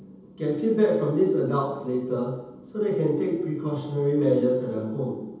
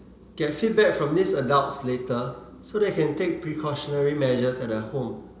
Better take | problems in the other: second | room echo; dies away in 0.8 s

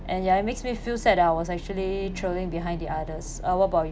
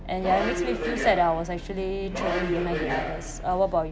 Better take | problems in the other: first | background sound (Subway, metro, underground); 4 dB below the speech

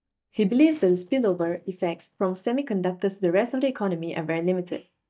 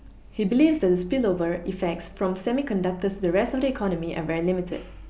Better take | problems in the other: second | noise reduction (neural mask model DeepFilterNet 3)

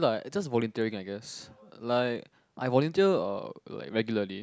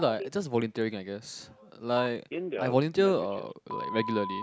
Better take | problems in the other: first | background sound (Telephone); 9 dB below the speech

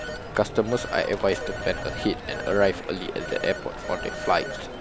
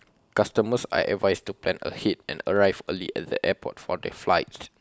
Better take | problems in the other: second | background sound (Telephone); 7 dB below the speech

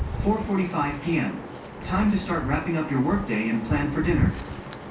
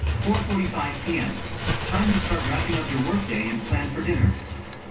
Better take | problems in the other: first | background sound (Bird); 5 dB below the speech // room echo; dies away in 0.2 s

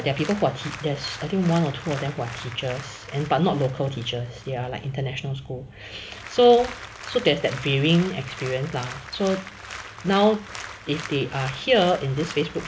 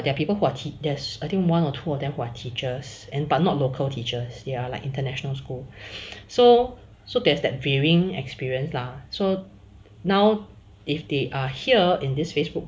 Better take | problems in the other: second | background sound (Applause); 15 dB below the speech

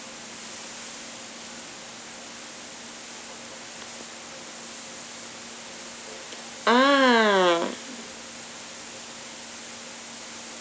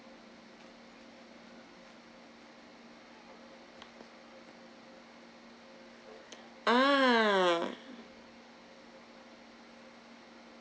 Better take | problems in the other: second | background sound (Water); 12 dB below the speech

